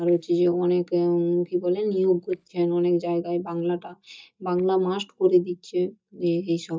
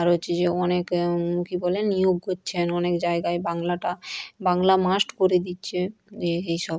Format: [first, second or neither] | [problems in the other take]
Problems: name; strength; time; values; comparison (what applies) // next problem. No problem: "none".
second | noise reduction (neural mask model DeepFilterNet 3)